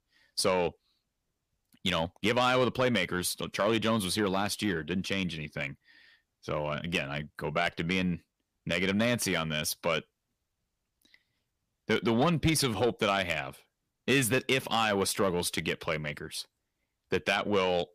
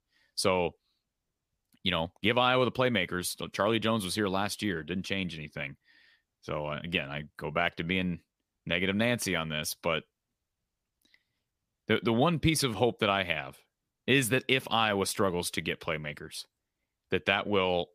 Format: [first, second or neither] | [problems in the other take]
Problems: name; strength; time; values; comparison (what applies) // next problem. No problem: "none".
second | distortion; slight; 10 dB below the speech